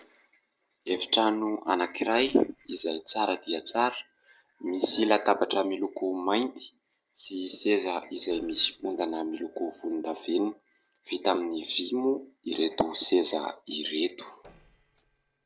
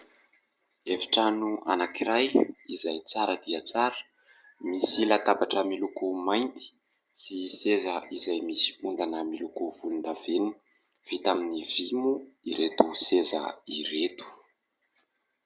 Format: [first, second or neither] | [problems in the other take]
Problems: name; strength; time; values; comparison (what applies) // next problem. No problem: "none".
second | noise reduction (neural separator model SepFormer DNS4)